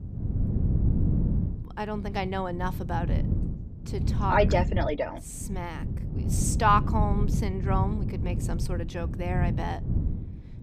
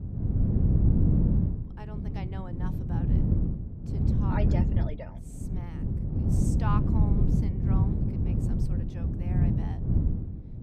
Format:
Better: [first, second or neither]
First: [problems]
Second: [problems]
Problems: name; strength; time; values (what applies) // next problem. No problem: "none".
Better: first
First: wind noise on the microphone; occasional gusts; 10 dB below the speech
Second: wind noise on the microphone; heavy; 3 dB above the speech